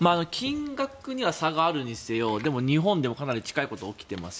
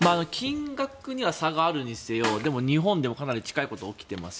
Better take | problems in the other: first | background sound (Snare drum); 13 dB below the speech

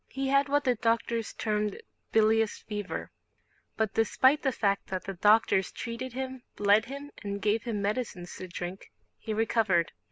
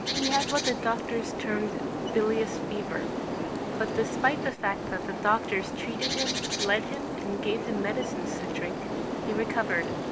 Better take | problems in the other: first | background sound (Bird); 1 dB below the speech

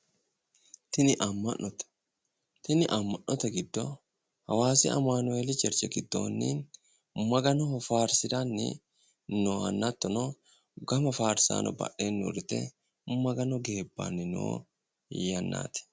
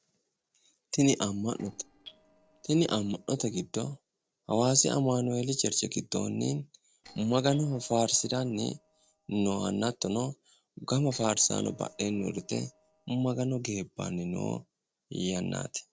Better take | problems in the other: first | noise reduction (neural separator model SepFormer DNS4)

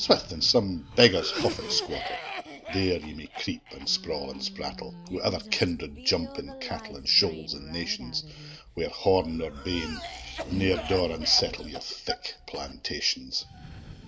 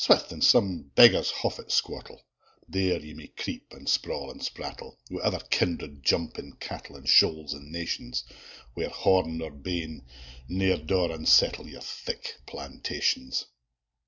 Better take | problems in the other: second | background sound (Cough); 12 dB below the speech

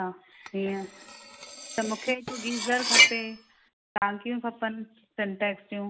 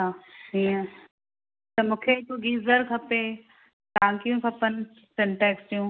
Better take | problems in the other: second | background sound (Cutlery, silverware); 4 dB above the speech

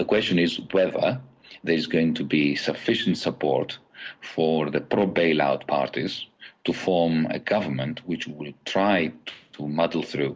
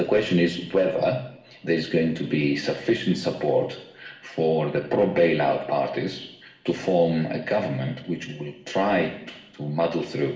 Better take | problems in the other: first | room echo; dies away in 0.8 s

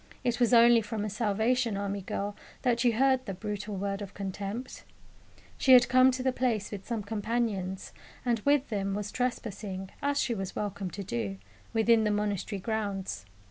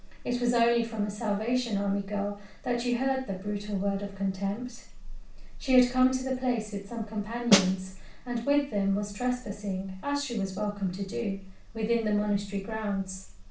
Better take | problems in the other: first | background sound (Snare drum); 2 dB above the speech // room echo; dies away in 0.4 s

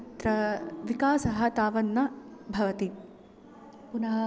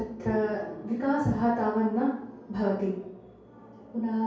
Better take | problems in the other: first | room echo; dies away in 0.6 s

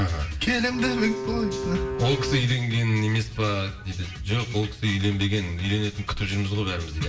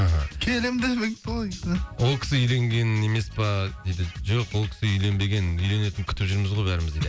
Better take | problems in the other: second | background sound (Bowed string instrument); 7 dB below the speech // room echo; dies away in 0.7 s

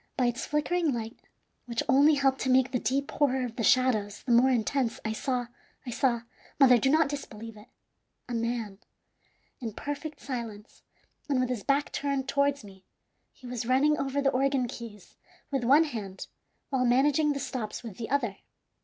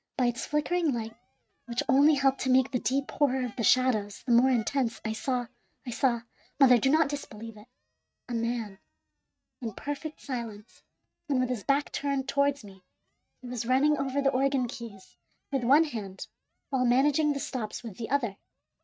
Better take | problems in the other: first | noise reduction (neural mask model RNNoise)

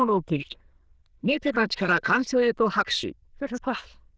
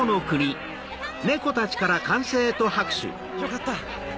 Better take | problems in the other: second | noise reduction (neural diffusion model UNIVERSE++)

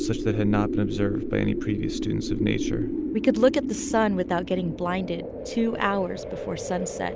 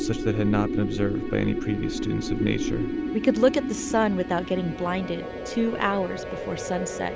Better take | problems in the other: first | background sound (Musical instrument); 17 dB below the speech

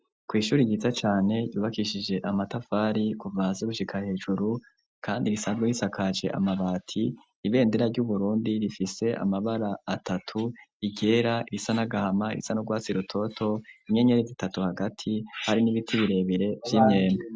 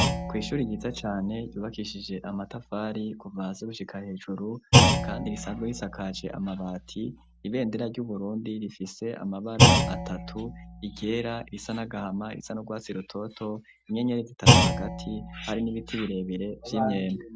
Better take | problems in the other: first | background sound (Thump, thud); 4 dB above the speech

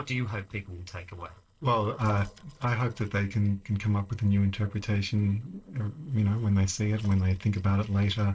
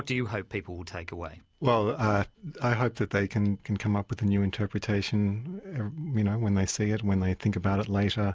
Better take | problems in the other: second | noise reduction (neural separator model SepFormer DNS4)

